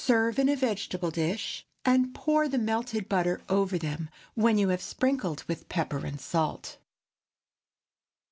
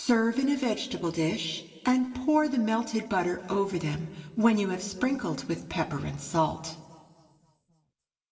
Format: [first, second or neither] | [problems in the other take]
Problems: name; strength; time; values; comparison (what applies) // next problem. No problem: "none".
first | room echo; dies away in 1.8 s